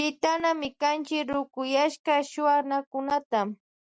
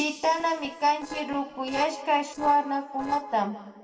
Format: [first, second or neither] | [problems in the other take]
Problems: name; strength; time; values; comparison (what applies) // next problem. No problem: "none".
first | noise reduction (neural separator model SepFormer DNS4)